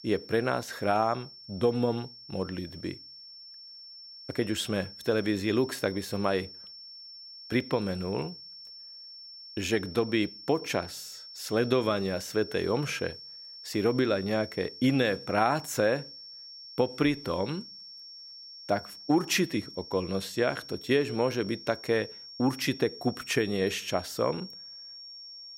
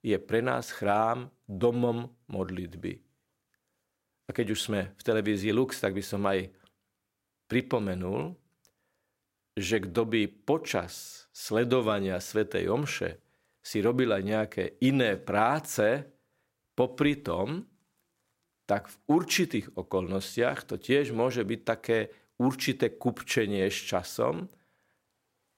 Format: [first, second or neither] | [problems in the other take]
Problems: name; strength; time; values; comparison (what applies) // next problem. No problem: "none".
second | high-pitched whine; noticeable; throughout; 5.5 kHz, 15 dB below the speech